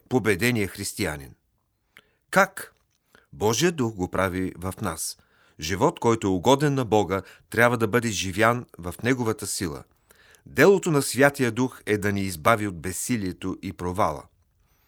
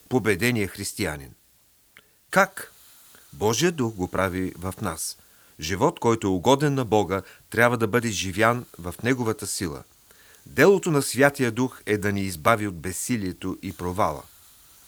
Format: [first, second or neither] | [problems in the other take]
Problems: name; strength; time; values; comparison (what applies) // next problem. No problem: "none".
first | hiss; faint; throughout; 30 dB below the speech